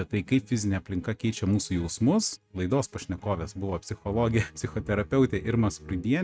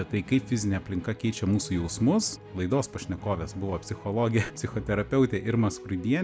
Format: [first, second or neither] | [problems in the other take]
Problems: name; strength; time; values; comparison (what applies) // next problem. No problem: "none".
second | noise reduction (neural mask model RNNoise)